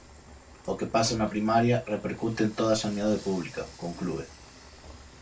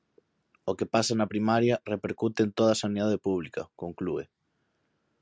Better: second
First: background sound (Frying (food) / Dishes, pots, and pans); 18 dB below the speech // room echo; dies away in 0.2 s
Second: none

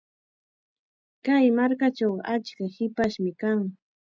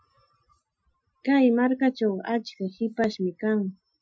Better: first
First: none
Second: noise reduction (classical method Wiener filter)

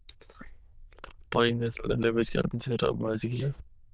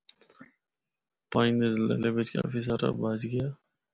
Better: second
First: noise reduction (neural diffusion model UNIVERSE++)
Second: none

